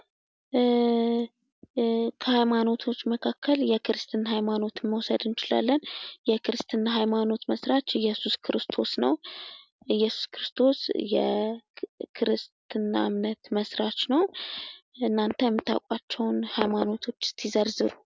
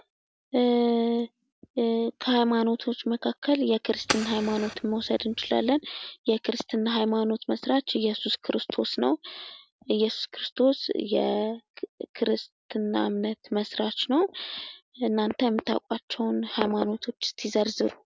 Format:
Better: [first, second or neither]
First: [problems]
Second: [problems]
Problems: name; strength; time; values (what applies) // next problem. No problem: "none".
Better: first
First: none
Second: background sound (Fire); 9 dB below the speech